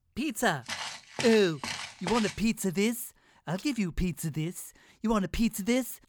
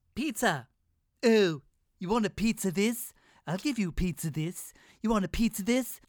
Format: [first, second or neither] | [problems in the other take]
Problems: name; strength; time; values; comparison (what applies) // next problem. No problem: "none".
second | footsteps; noticeable; from 0.5 to 2.5 s; peak 6 dB below the speech